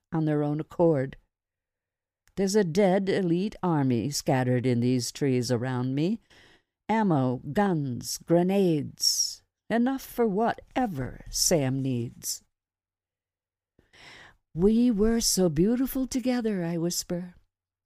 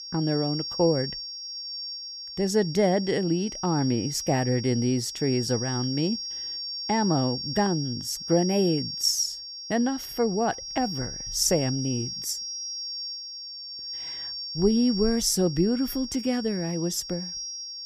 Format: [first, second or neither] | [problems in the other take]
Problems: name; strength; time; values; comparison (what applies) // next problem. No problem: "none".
first | high-pitched whine; loud; throughout; 5.5 kHz, 7 dB below the speech